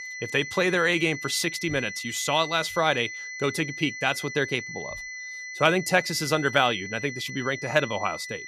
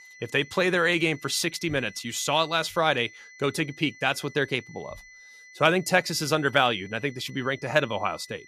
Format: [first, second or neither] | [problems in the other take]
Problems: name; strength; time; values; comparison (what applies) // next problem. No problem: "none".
second | high-pitched whine; loud; throughout; 2 kHz, 10 dB below the speech; faint in the second